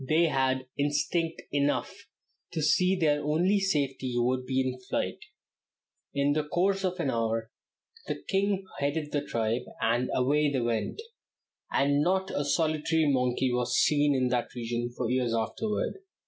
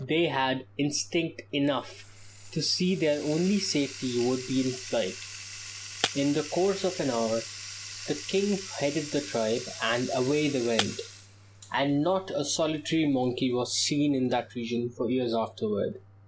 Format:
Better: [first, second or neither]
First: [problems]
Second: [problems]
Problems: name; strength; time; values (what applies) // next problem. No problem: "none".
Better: first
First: none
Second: background sound (Shatter + Bathtub (filling or washing)); 12 dB below the speech